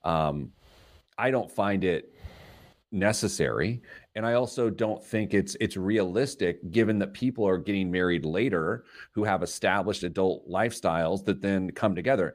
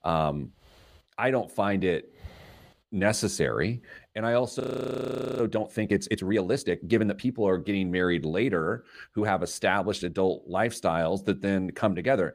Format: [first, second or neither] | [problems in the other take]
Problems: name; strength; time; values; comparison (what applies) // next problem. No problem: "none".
first | audio freezing; at 4.5 s for 1 s